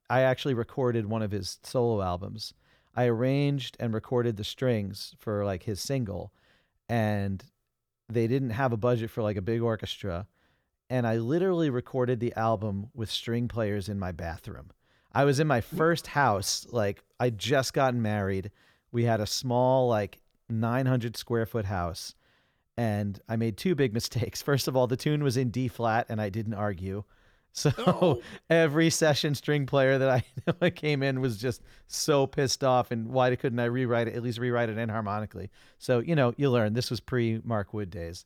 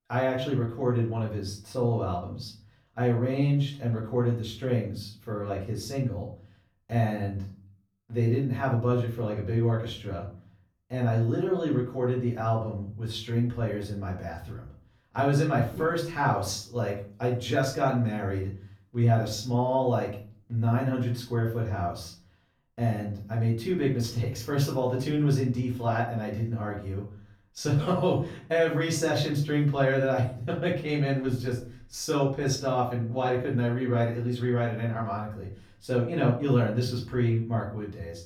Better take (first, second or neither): first